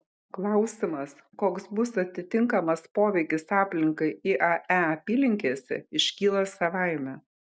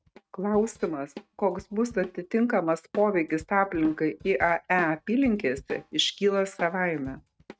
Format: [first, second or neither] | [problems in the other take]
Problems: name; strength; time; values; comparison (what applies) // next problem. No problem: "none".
first | noise reduction (neural mask model RNNoise)